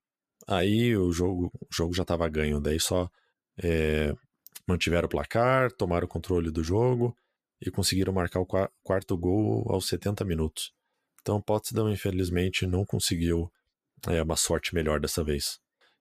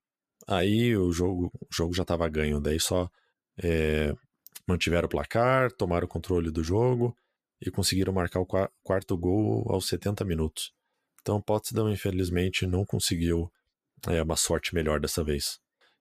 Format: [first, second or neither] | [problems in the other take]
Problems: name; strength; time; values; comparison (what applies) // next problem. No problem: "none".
neither | none